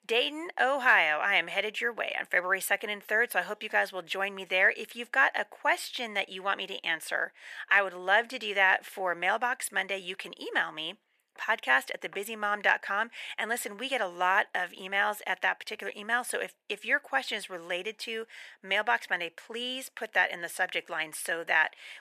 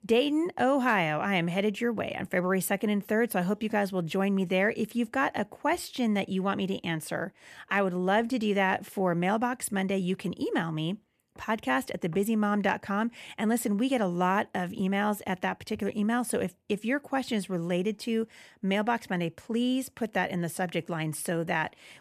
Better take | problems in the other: second | thin; very; fading below 650 Hz

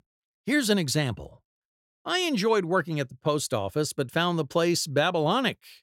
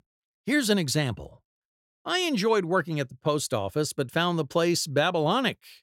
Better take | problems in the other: neither | none

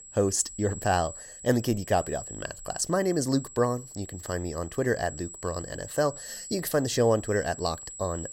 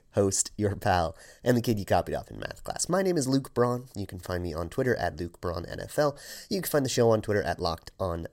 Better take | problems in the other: second | high-pitched whine; noticeable; throughout; 7.5 kHz, 15 dB below the speech

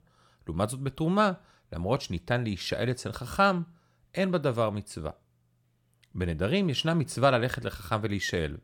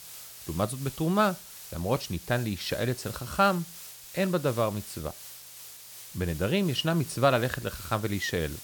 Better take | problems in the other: first | hiss; noticeable; throughout; 15 dB below the speech

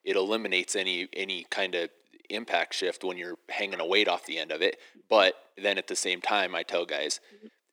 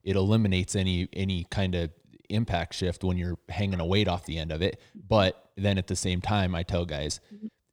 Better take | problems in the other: second | thin; very; fading below 300 Hz

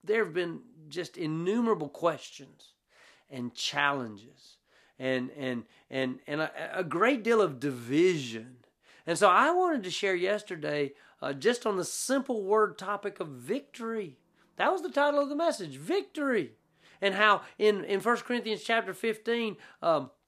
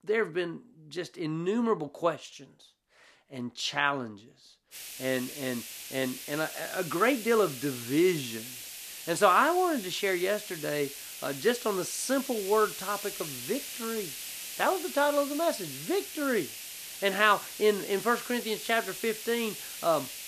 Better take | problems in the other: first | hiss; loud; from 4.5 s on; 9 dB below the speech

